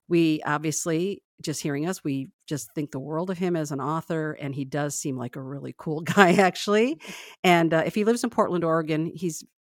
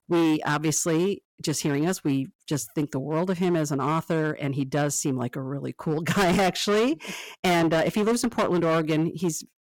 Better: first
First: none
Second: distortion; heavy; 13% of the sound clipped

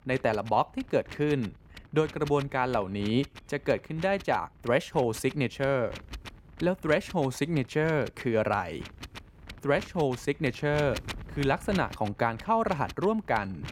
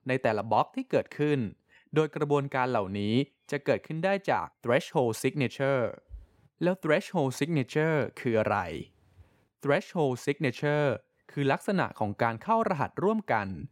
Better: second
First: wind noise on the microphone; occasional gusts; 15 dB below the speech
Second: none

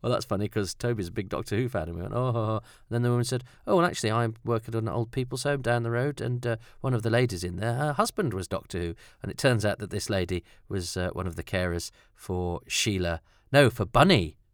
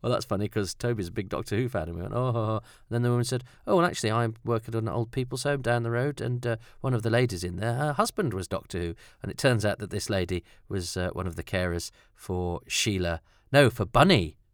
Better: neither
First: none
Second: none

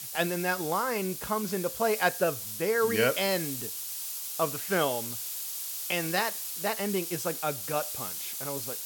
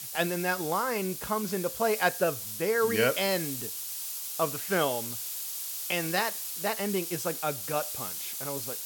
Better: neither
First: hiss; loud; throughout; 4 dB below the speech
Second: hiss; loud; throughout; 4 dB below the speech

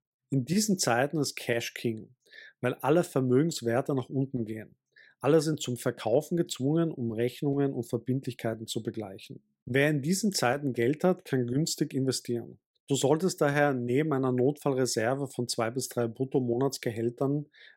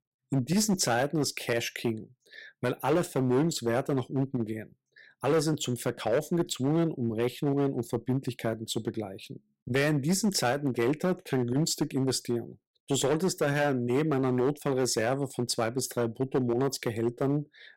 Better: first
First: none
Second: distortion; slight; 7% of the sound clipped

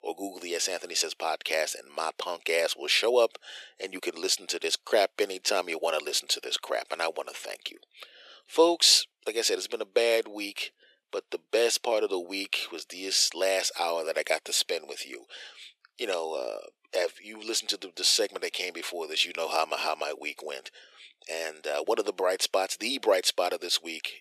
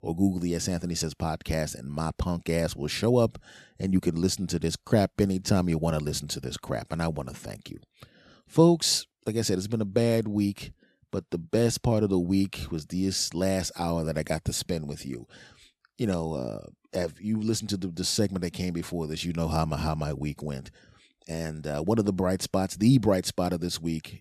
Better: second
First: thin; very; fading below 400 Hz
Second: none

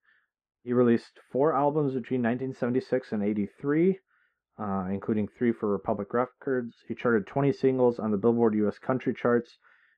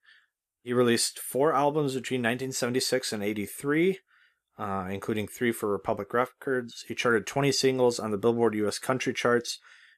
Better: second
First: muffled; very; fading above 1.5 kHz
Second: none

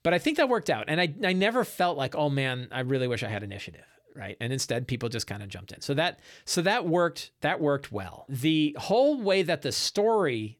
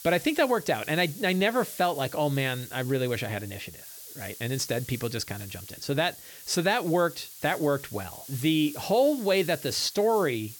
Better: first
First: none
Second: hiss; noticeable; throughout; 15 dB below the speech

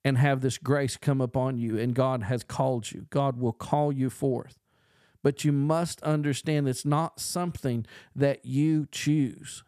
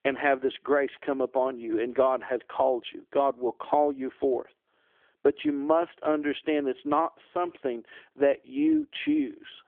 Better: first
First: none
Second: phone-call audio; nothing above 3.5 kHz

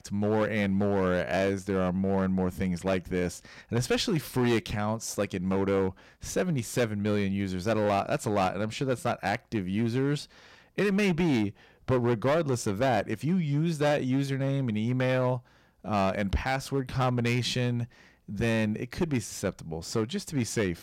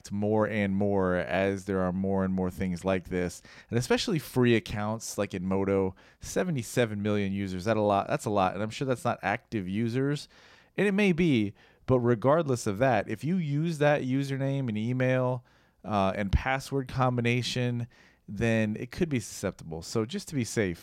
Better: second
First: distortion; slight; 8% of the sound clipped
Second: none

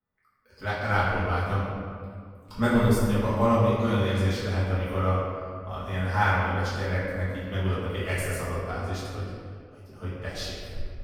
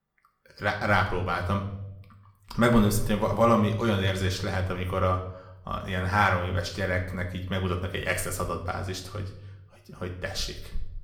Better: second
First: room echo; strong; dies away in 1.9 s // off-mic speech; far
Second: room echo; slight; dies away in 0.6 s

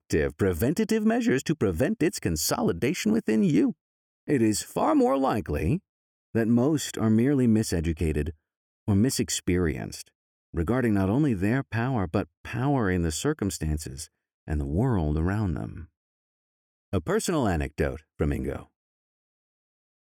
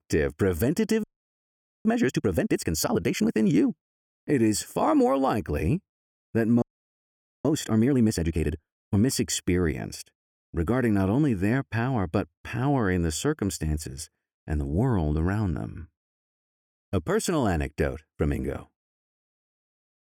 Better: first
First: none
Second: audio freezing; at 1 s for 1 s and at 6.5 s for 1 s

